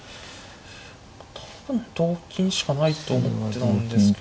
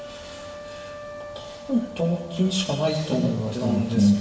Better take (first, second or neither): first